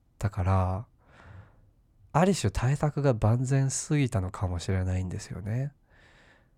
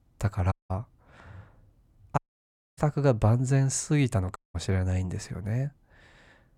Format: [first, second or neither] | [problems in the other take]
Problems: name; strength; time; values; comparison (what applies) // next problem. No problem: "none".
first | audio cutting out; at 0.5 s, at 2 s for 0.5 s and at 4.5 s